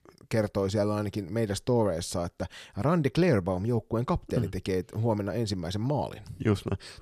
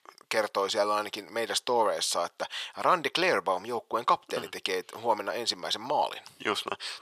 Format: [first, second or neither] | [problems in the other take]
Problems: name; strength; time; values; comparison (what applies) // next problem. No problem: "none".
first | thin; very; fading below 650 Hz